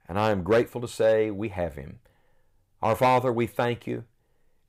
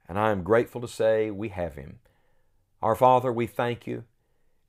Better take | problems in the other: second | distortion; slight; 2% of the sound clipped

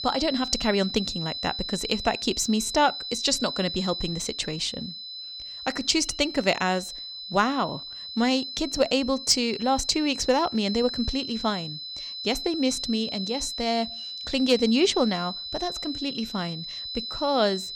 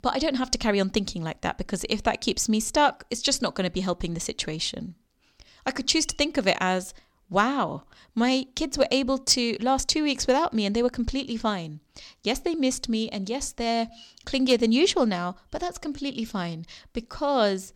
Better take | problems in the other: second | high-pitched whine; loud; throughout; 4 kHz, 7 dB below the speech

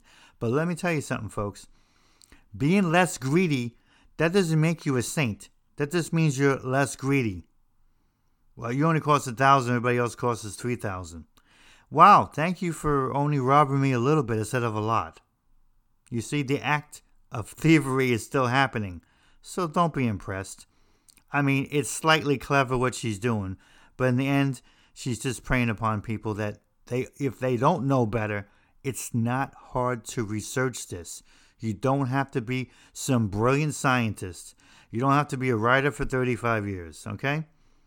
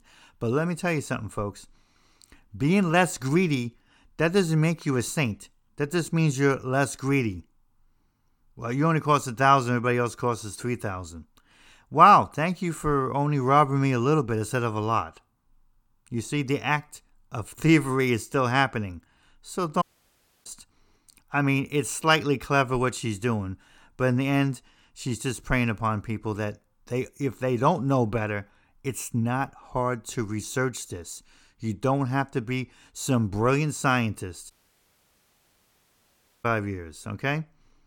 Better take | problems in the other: first | audio cutting out; at 20 s for 0.5 s and at 35 s for 2 s

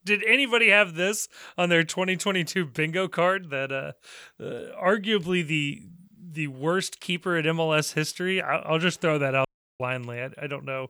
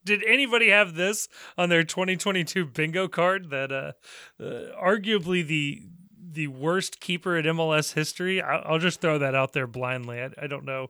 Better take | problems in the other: second | audio cutting out; at 9.5 s

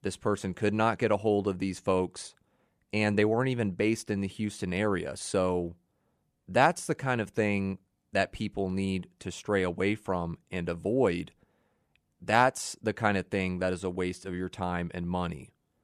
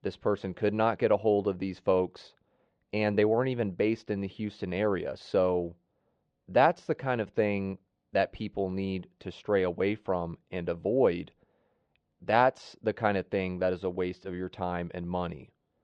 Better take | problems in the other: first | muffled; slightly; fading above 4 kHz

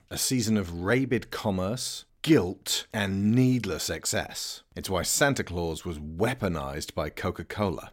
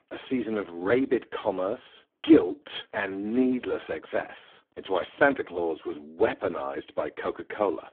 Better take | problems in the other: first | phone-call audio; poor line

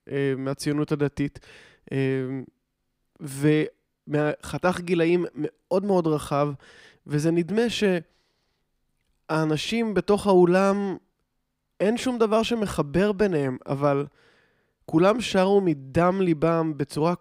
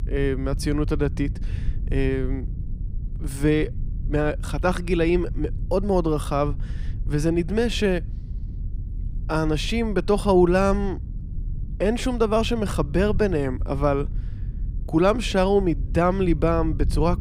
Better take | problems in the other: first | low rumble; faint; throughout; 20 dB below the speech

